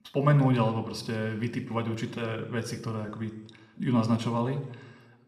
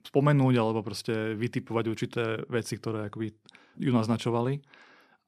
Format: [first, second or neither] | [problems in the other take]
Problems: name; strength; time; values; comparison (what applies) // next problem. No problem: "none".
second | room echo; slight; dies away in 1 s